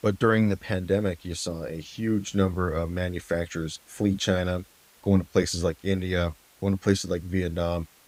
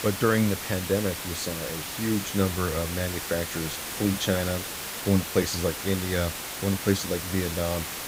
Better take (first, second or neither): first